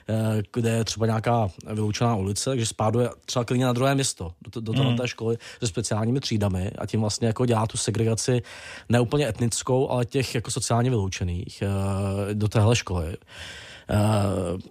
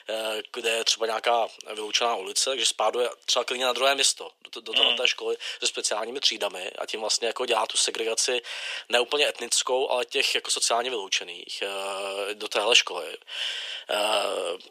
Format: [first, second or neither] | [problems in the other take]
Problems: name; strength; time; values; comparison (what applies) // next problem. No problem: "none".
first | thin; very; fading below 450 Hz